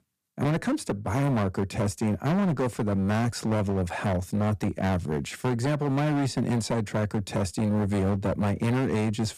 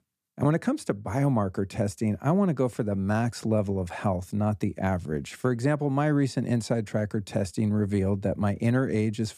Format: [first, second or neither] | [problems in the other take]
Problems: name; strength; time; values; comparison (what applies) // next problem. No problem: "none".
second | distortion; heavy; 21% of the sound clipped